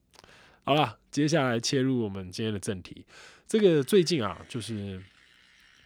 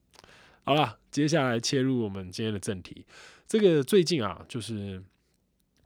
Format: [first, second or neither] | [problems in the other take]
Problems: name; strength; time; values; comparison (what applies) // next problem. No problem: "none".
second | traffic noise; faint; throughout; 30 dB below the speech